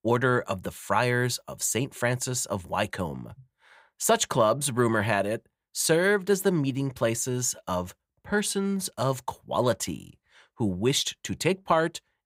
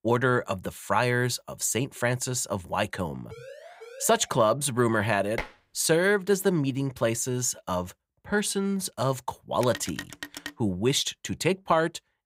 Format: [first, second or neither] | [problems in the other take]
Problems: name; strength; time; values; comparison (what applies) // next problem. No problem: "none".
first | siren; faint; from 3.5 to 4.5 s; peak 20 dB below the speech // clattering dishes; noticeable; at 5.5 s; peak 10 dB below the speech // phone ringing; faint; at 9.5 s; peak 10 dB below the speech